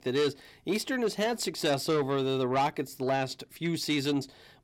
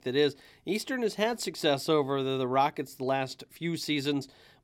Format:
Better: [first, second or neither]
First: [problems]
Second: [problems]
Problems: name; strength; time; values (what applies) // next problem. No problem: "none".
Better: second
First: distortion; slight; 10 dB below the speech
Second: none